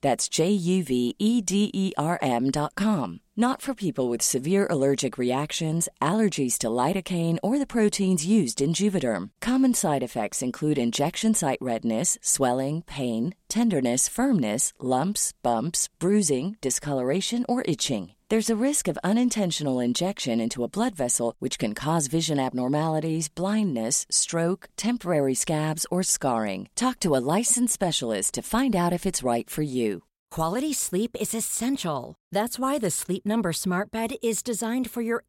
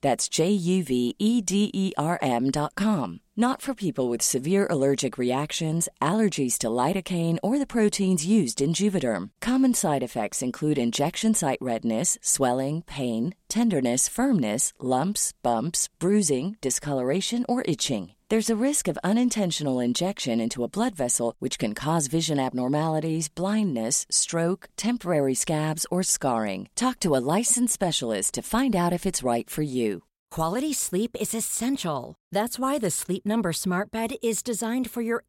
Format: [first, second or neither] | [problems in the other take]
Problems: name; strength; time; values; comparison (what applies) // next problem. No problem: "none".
neither | none